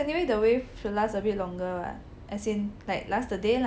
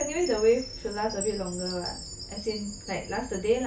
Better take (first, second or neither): first